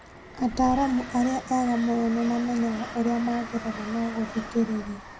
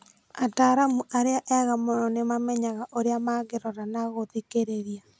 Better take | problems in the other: second | background sound (Train); 12 dB below the speech // room echo; dies away in 0.4 s

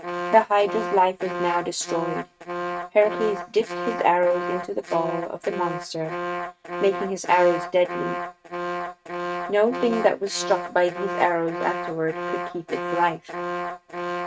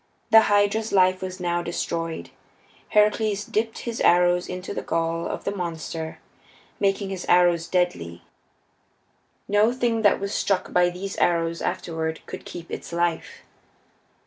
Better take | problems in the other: second | noise reduction (neural mask model RNNoise)

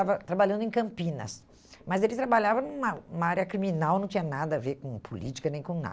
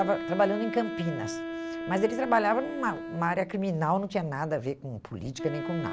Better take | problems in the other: first | background sound (Wind instrument, woodwind instrument); 8 dB below the speech

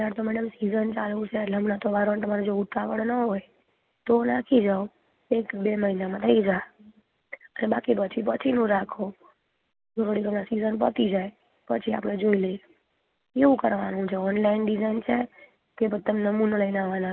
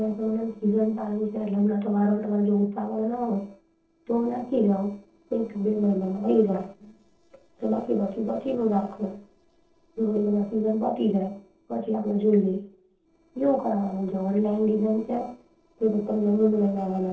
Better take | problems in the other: first | noise reduction (neural separator model SepFormer DNS4)

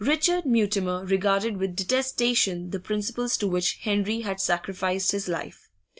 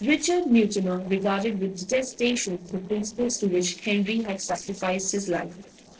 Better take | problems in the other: first | noise reduction (neural separator model SepFormer DNS4)

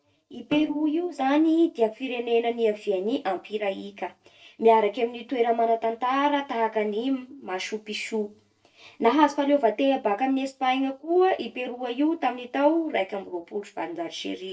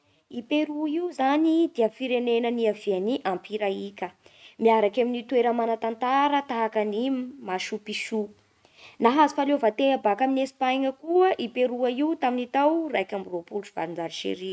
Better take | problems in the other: second | noise reduction (neural separator model SepFormer DNS4)

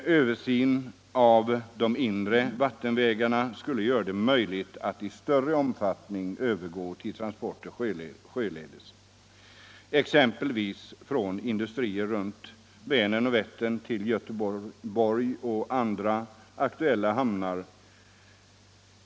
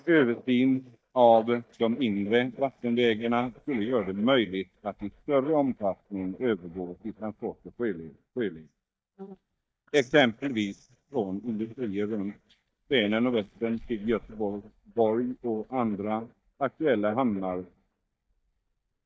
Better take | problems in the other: first | noise reduction (neural mask model DeepFilterNet 3)

